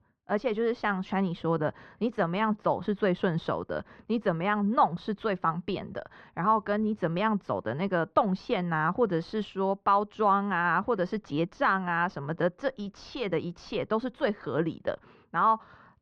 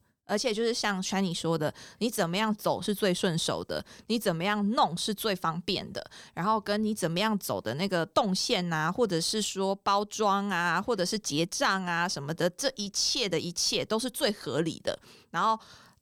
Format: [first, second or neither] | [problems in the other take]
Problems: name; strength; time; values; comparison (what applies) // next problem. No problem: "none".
second | muffled; very; fading above 2 kHz